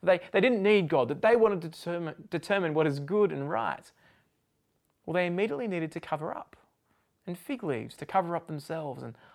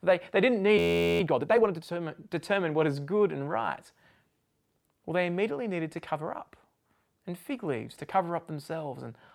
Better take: first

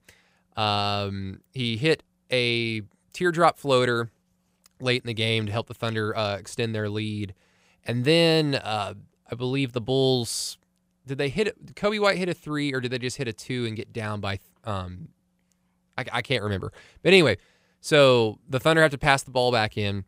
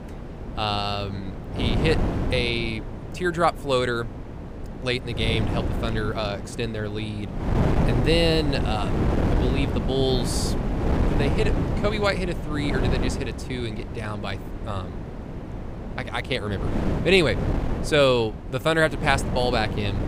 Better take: first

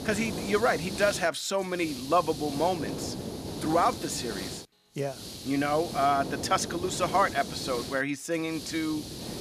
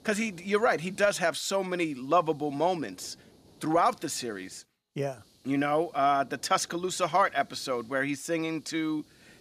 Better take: second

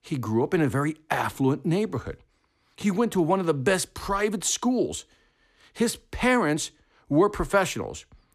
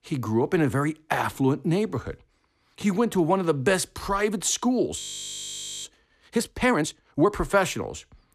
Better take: first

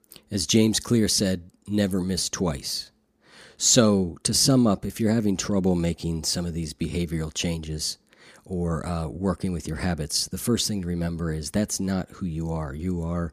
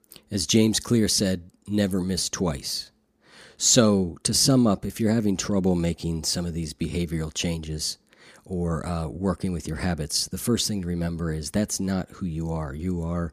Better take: neither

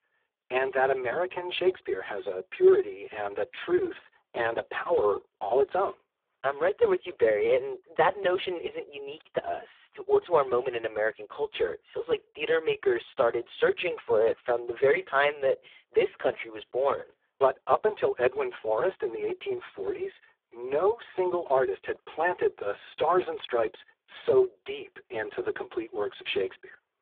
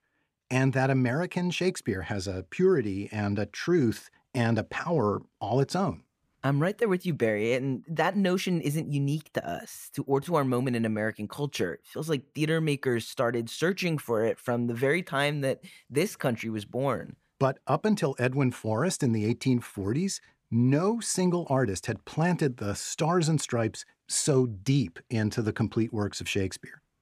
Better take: second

